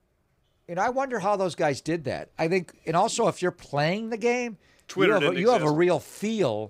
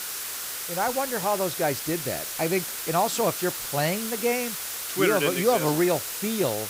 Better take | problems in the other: first | hiss; loud; throughout; 4 dB below the speech

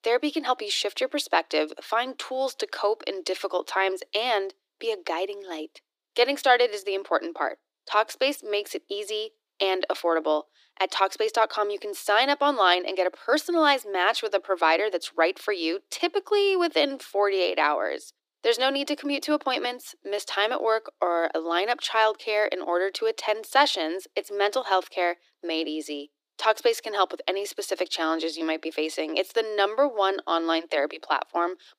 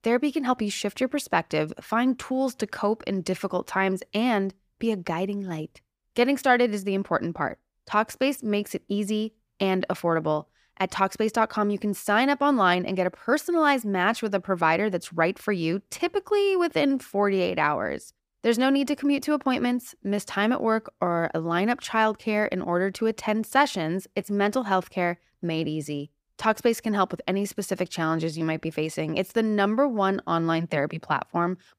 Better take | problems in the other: second | thin; somewhat; fading below 300 Hz

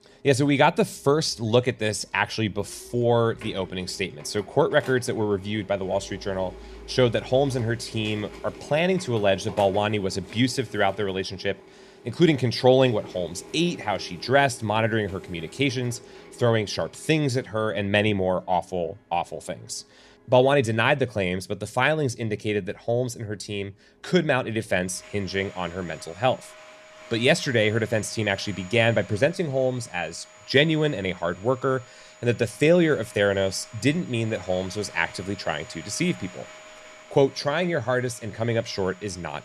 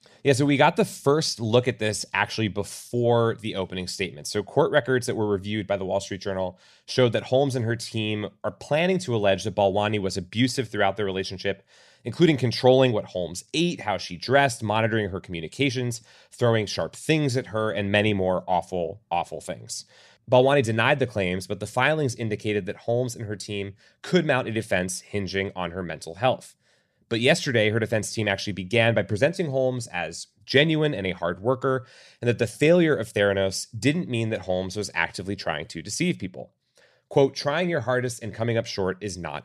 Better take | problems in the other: second | household noises; faint; throughout; 20 dB below the speech

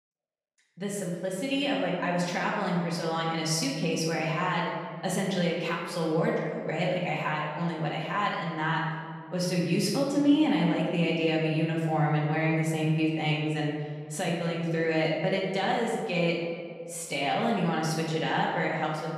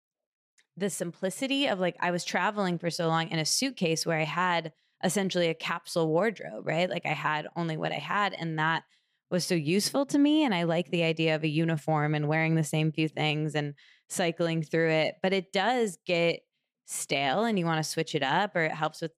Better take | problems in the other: second | off-mic speech; far // room echo; noticeable; dies away in 1.8 s

